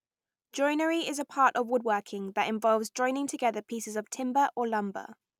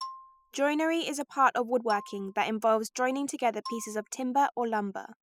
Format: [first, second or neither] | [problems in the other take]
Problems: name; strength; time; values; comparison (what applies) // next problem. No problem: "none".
first | noise reduction (classical method spectral subtraction)